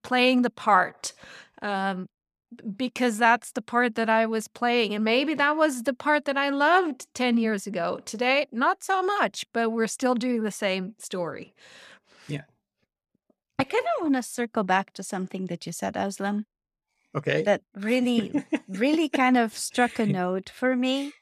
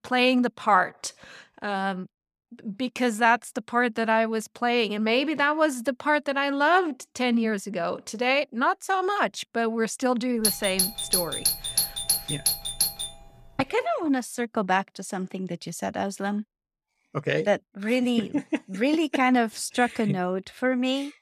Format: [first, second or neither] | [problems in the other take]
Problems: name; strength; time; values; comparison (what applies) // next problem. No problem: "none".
first | doorbell; loud; from 10 to 13 s; peak 3 dB above the speech